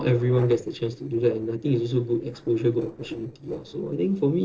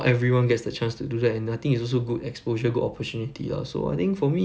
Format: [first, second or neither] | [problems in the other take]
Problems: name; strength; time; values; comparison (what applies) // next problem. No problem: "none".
second | noise reduction (neural separator model SepFormer DNS4)